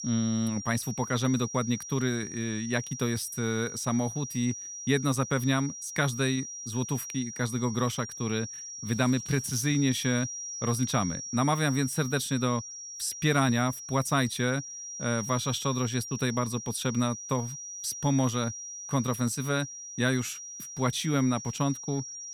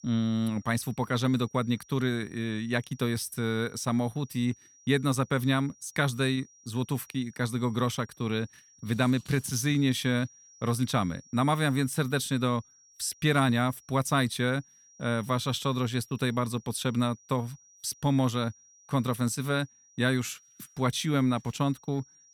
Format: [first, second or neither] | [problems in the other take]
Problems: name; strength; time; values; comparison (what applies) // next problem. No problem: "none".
second | high-pitched whine; loud; throughout; 5.5 kHz, 8 dB below the speech; faint in the second